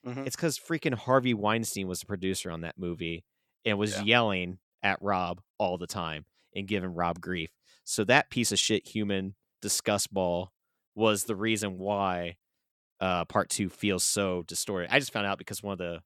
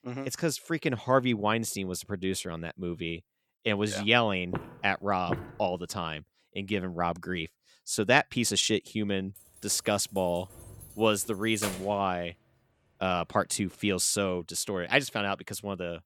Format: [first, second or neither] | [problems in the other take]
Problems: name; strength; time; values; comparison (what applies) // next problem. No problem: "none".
first | footsteps; noticeable; at 4.5 s; peak 8 dB below the speech // jangling keys; noticeable; from 9.5 to 12 s; peak 7 dB below the speech